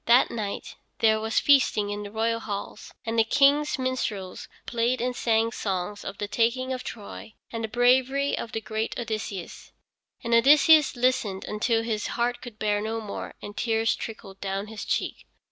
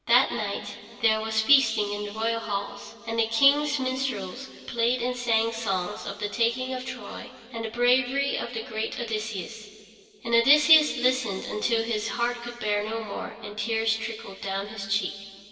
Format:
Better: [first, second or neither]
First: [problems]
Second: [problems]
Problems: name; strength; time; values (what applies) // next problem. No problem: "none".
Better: first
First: none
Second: room echo; dies away in 2.4 s